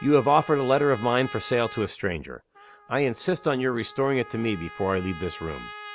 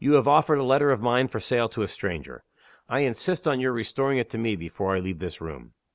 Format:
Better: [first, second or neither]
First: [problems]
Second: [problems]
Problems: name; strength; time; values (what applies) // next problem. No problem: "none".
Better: second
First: background sound (Trumpet); 17 dB below the speech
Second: none